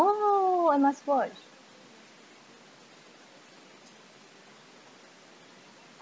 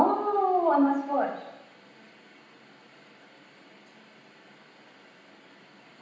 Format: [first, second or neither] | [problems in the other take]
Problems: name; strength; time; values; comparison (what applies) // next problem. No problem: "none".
first | room echo; dies away in 0.9 s